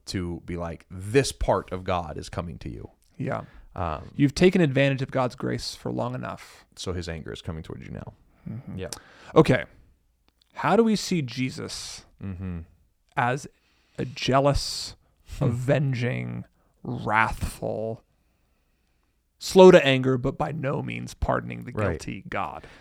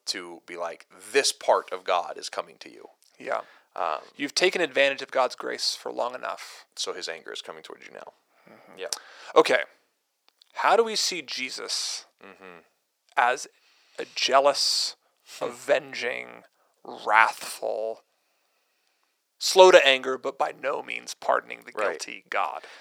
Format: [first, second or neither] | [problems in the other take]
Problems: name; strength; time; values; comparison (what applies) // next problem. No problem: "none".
first | thin; very; fading below 500 Hz